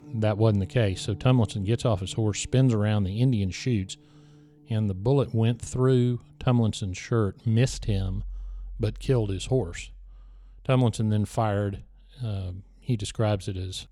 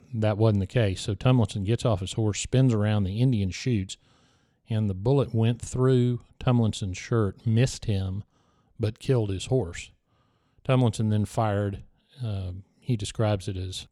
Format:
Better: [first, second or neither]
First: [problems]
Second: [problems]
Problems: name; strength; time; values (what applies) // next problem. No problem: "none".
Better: second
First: background music; faint; throughout; 20 dB below the speech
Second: none